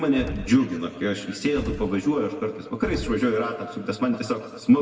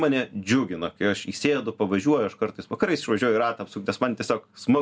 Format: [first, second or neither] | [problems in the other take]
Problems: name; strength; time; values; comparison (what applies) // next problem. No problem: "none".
second | background sound (Explosion); 13 dB below the speech // room echo; dies away in 1.9 s